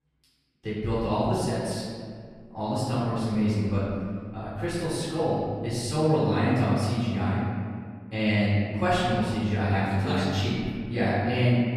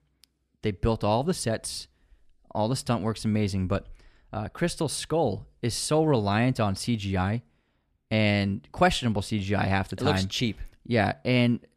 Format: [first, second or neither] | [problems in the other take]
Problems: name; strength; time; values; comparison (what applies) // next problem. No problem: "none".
second | off-mic speech; far // room echo; strong; dies away in 1.9 s